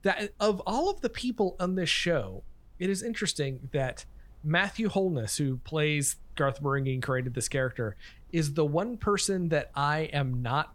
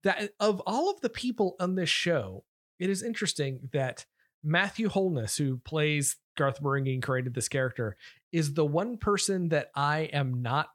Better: second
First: machinery noise; faint; throughout; 25 dB below the speech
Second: none

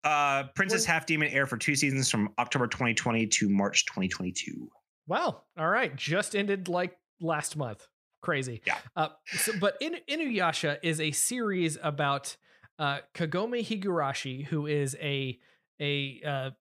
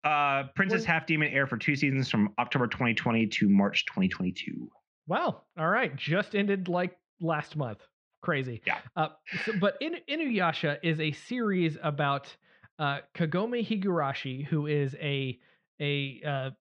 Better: first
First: none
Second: muffled; slightly; fading above 3.5 kHz

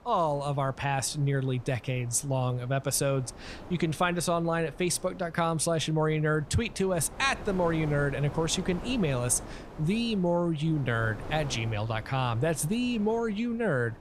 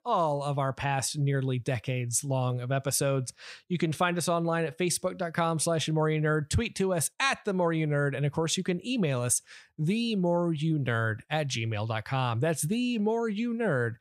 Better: second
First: wind noise on the microphone; occasional gusts; 15 dB below the speech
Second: none

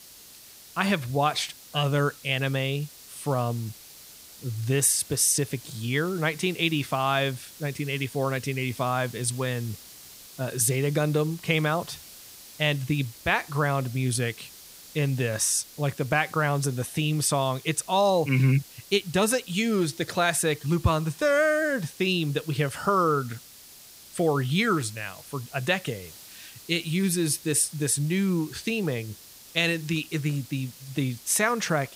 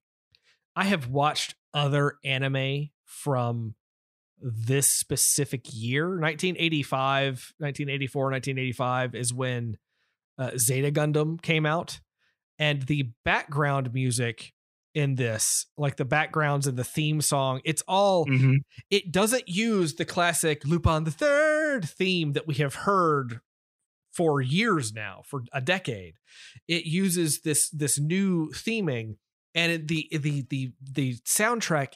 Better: second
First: hiss; noticeable; throughout; 20 dB below the speech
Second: none

